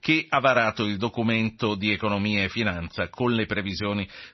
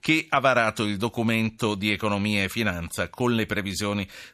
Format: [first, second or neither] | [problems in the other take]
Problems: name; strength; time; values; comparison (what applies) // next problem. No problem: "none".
second | garbled, watery; slightly; nothing above 6 kHz